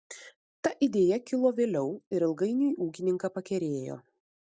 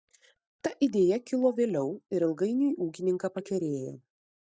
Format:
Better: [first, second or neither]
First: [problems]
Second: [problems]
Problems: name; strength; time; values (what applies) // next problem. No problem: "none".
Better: first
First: none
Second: noise reduction (neural mask model DeepFilterNet 3)